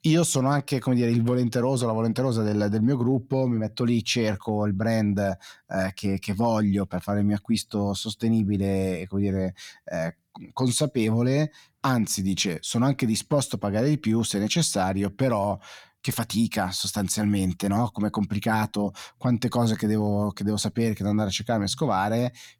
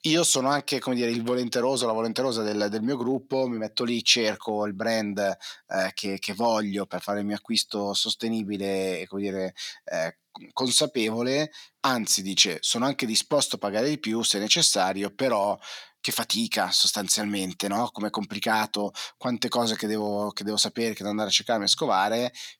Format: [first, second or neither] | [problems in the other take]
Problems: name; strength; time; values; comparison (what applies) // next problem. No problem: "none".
first | thin; somewhat; fading below 300 Hz